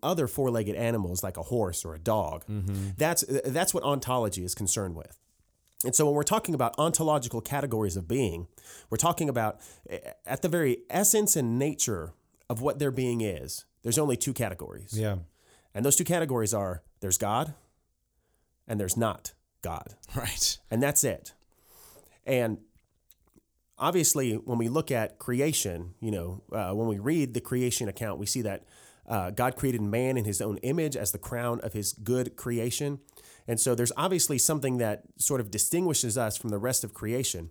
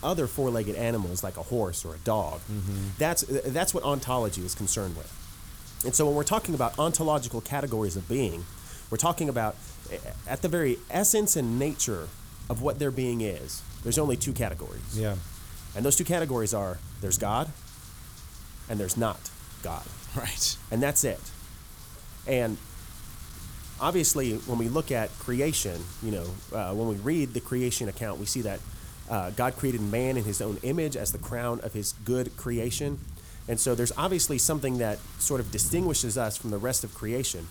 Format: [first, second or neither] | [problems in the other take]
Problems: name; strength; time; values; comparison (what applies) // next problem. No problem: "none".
first | wind noise on the microphone; occasional gusts; 20 dB below the speech